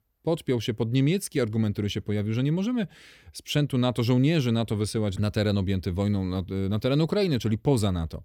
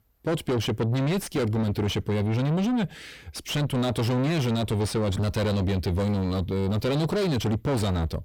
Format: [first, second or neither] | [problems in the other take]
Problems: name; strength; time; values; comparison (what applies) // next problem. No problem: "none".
first | distortion; heavy; 5 dB below the speech